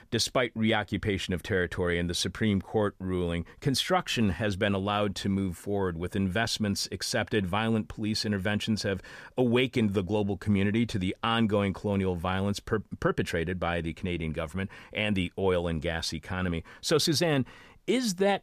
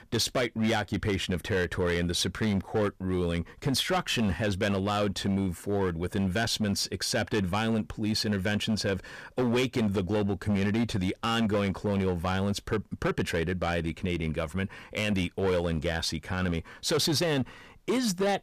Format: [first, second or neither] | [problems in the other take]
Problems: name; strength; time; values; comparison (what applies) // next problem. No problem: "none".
first | distortion; slight; 11% of the sound clipped